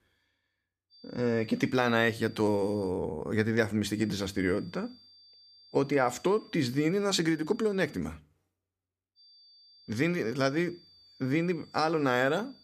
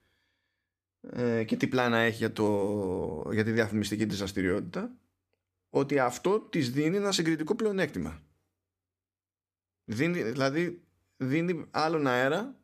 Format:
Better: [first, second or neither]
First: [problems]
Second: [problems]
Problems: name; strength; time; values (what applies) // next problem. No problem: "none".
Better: second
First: high-pitched whine; faint; from 1 to 3 s, from 4 to 8 s and from 9 s on; 4.5 kHz, 25 dB below the speech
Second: none